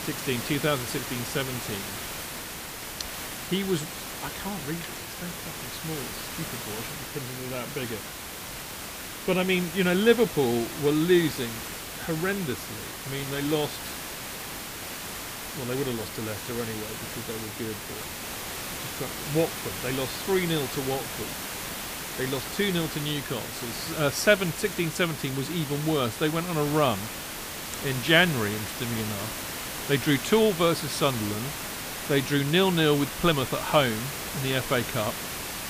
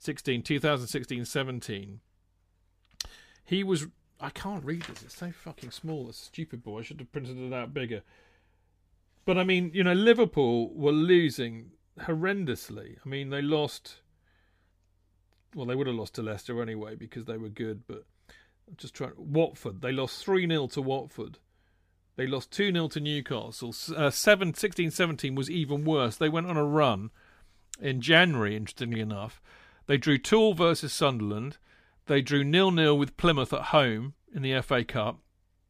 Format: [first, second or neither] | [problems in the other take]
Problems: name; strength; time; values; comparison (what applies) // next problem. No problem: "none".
second | hiss; loud; throughout; 7 dB below the speech